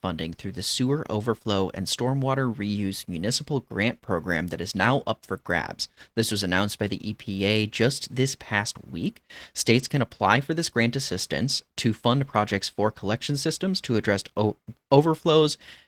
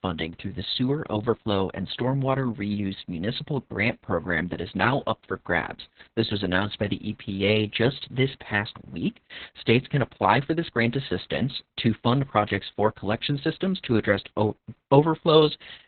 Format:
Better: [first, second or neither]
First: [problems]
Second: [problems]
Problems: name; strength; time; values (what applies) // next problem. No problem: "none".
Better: first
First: garbled, watery; slightly; nothing above 18.5 kHz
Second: garbled, watery; badly; nothing above 4 kHz